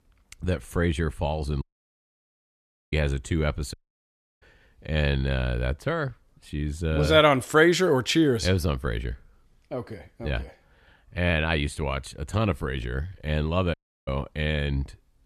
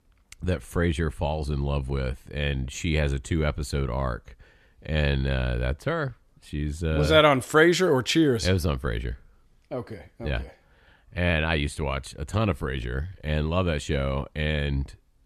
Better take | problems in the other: second | audio cutting out; at 1.5 s for 1.5 s, at 3.5 s for 0.5 s and at 14 s

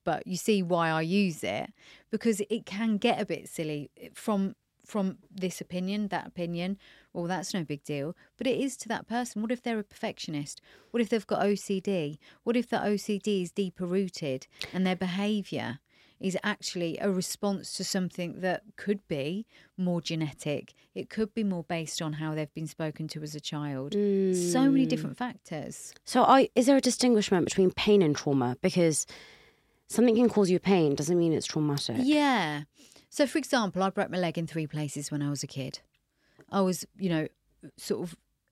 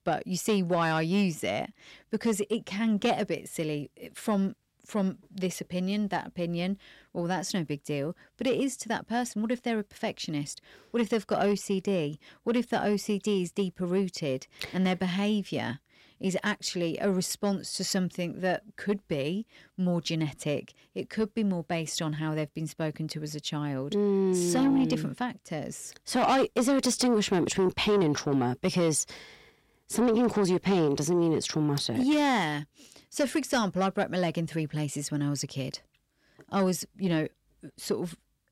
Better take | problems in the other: first | distortion; slight; 10 dB below the speech

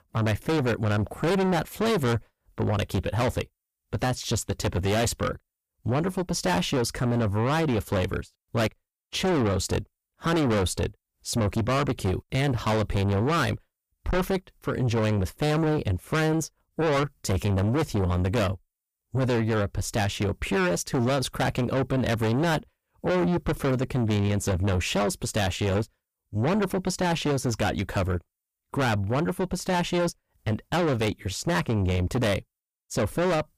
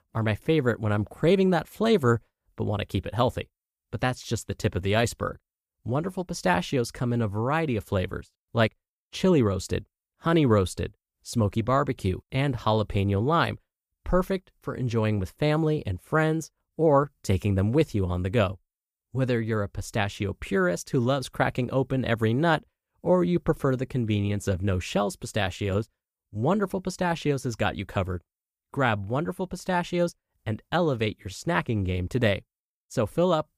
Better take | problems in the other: second | distortion; heavy; 6 dB below the speech

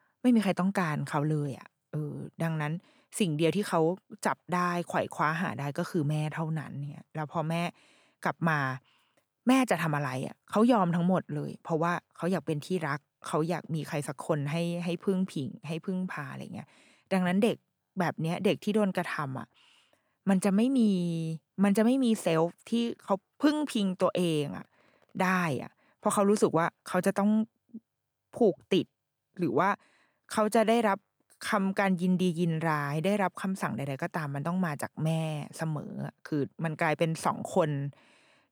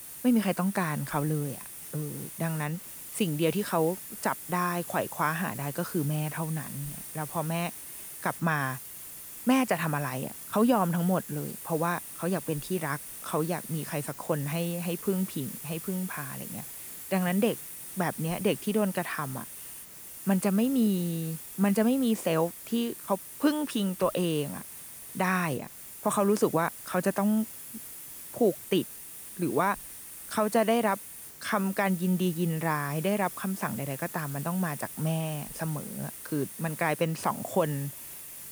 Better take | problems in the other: first | hiss; noticeable; throughout; 10 dB below the speech

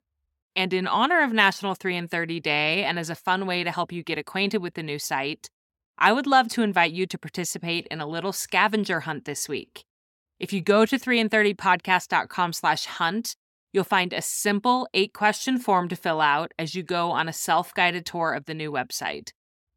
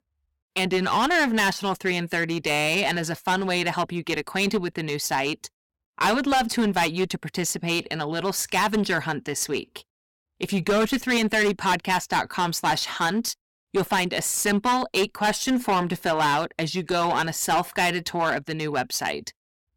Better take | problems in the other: first | distortion; heavy; 11% of the sound clipped

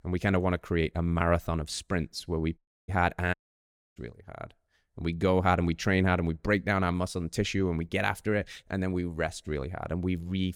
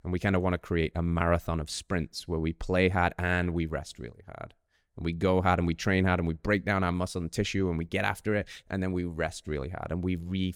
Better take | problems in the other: second | audio cutting out; at 2.5 s and at 3.5 s for 0.5 s

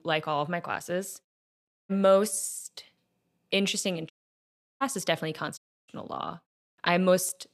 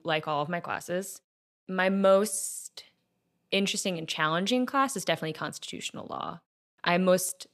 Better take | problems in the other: second | audio cutting out; at 1.5 s, at 4 s for 0.5 s and at 5.5 s

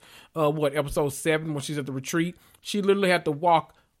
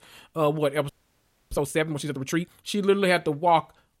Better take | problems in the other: first | audio freezing; at 1 s for 0.5 s

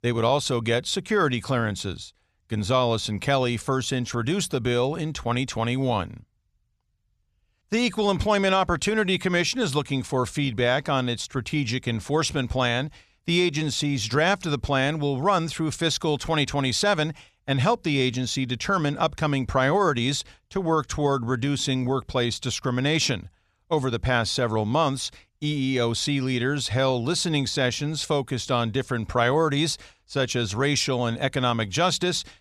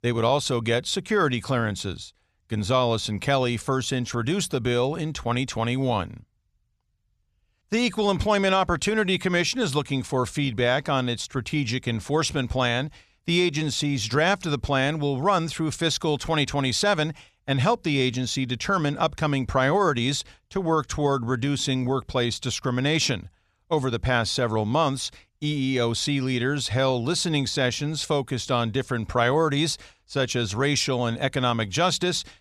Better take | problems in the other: neither | none

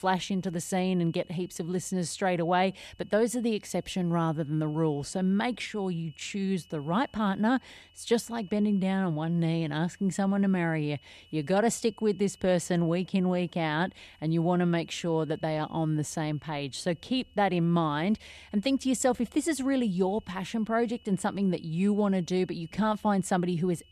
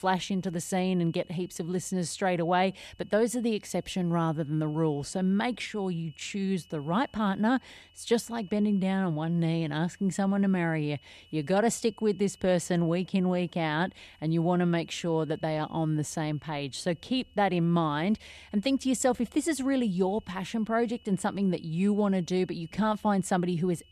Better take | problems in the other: neither | high-pitched whine; faint; throughout; 3 kHz, 30 dB below the speech; the same in both

